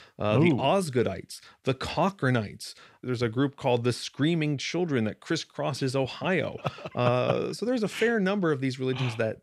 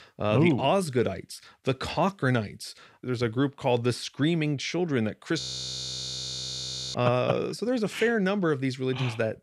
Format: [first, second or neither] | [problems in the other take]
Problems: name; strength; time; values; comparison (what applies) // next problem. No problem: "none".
first | audio freezing; at 5.5 s for 1.5 s